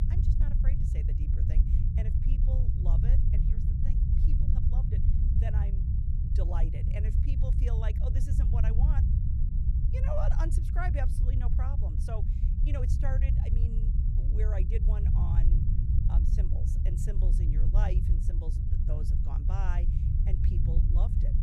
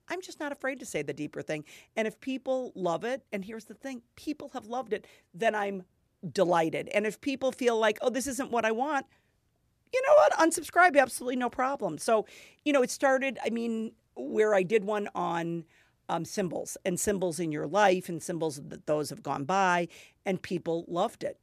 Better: second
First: low rumble; loud; throughout; 1 dB below the speech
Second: none

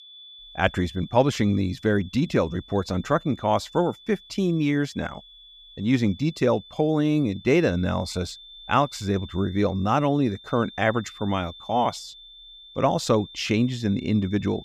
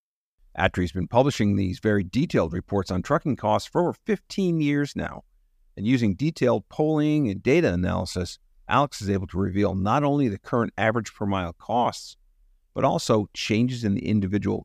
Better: second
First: high-pitched whine; noticeable; throughout; 3.5 kHz, 20 dB below the speech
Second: none

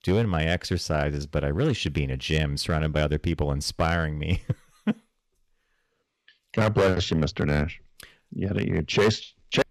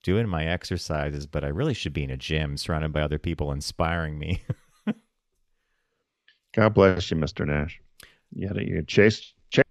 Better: second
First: distortion; heavy; 3% of the sound clipped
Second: none

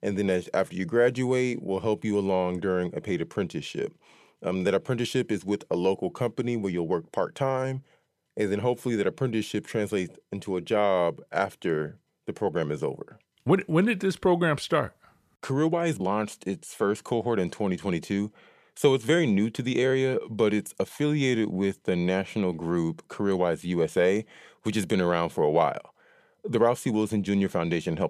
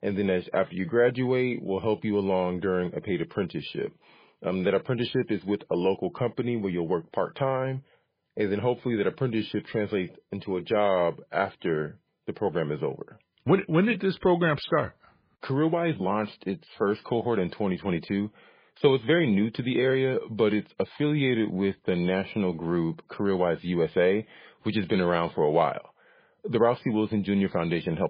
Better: first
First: none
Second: garbled, watery; badly

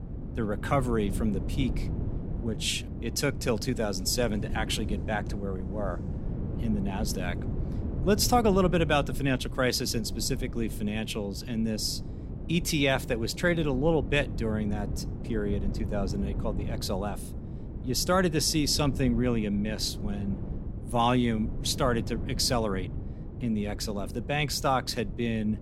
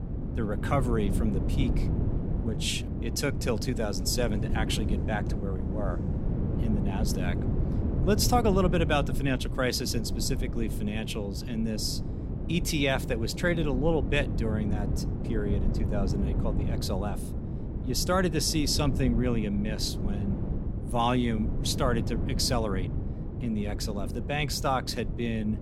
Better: first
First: wind noise on the microphone; occasional gusts; 15 dB below the speech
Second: wind noise on the microphone; heavy; 10 dB below the speech

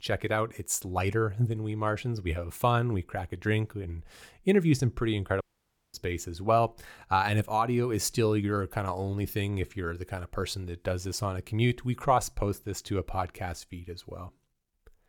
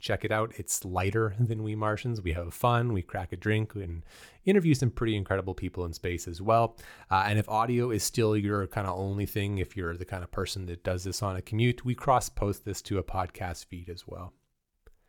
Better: second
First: audio cutting out; at 5.5 s for 0.5 s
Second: none

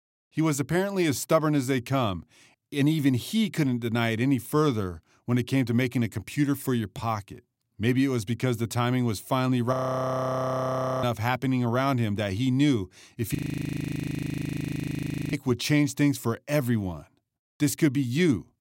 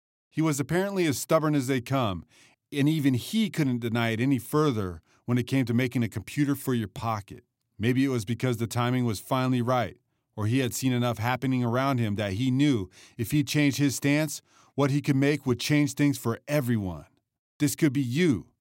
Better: second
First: audio freezing; at 9.5 s for 1.5 s and at 13 s for 2 s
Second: none

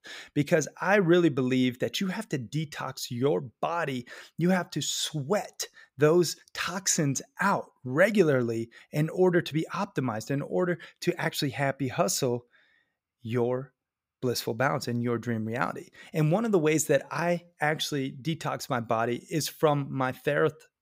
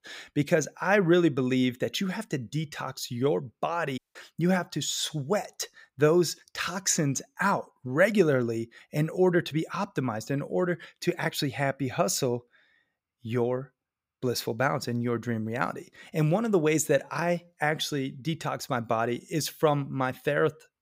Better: first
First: none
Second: audio cutting out; at 4 s

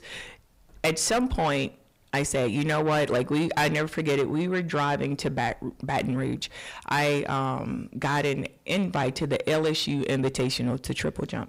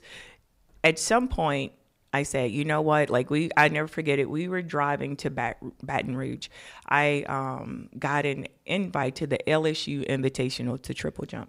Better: second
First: distortion; heavy; 7 dB below the speech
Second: none

